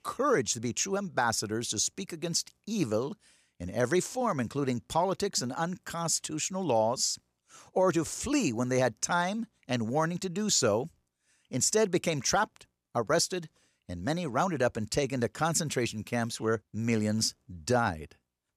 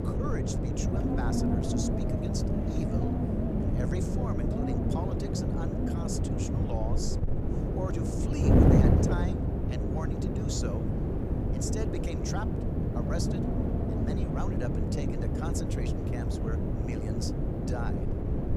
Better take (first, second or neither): first